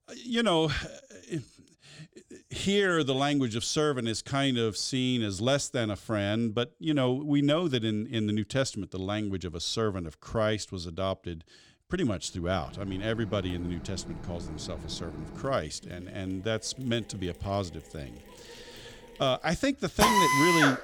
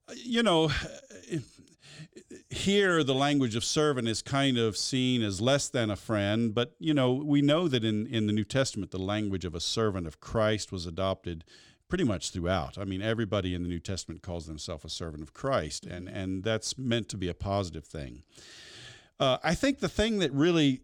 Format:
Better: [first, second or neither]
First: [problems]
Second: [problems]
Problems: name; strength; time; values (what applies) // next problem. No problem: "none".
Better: second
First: machinery noise; very loud; from 13 s on; 1 dB above the speech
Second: none